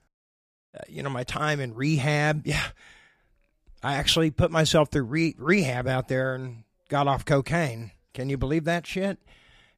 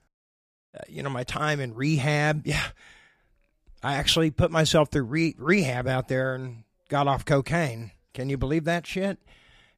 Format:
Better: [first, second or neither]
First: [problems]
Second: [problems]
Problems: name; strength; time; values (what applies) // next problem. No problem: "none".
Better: neither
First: none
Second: none